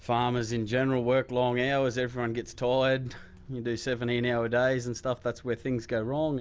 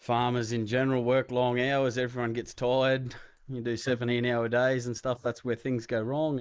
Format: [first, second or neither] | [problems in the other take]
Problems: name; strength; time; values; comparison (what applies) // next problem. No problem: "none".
first | noise reduction (neural mask model Resemble Enhance denoiser)